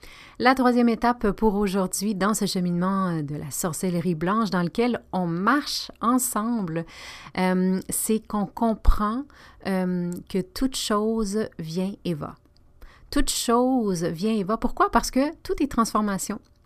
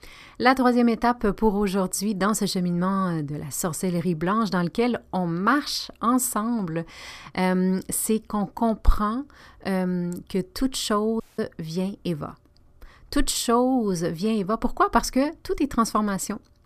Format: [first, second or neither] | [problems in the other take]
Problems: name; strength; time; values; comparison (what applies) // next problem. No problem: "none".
first | audio cutting out; at 11 s